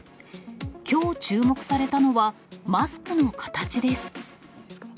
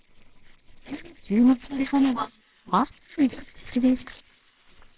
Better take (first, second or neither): first